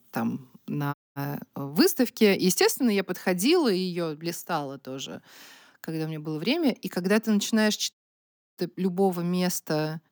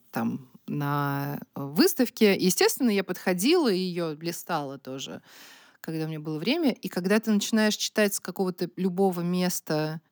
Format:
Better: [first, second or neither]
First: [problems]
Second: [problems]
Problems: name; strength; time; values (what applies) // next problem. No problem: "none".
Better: second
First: audio cutting out; at 1 s and at 8 s for 0.5 s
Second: none